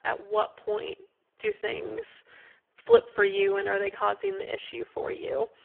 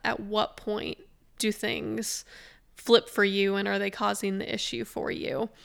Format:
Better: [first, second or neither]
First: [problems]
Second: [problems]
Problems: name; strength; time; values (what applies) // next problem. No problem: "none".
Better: second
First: phone-call audio; poor line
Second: none